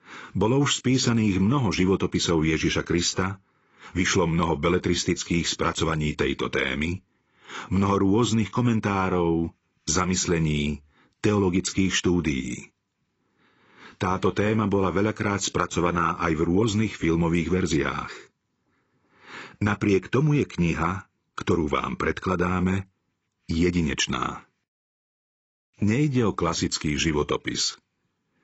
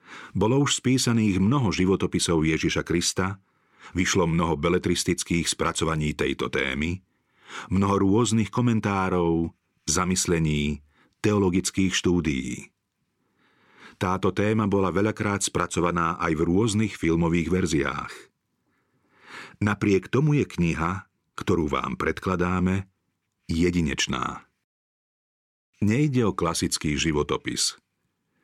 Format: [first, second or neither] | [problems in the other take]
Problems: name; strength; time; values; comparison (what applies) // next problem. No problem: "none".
second | garbled, watery; badly; nothing above 7.5 kHz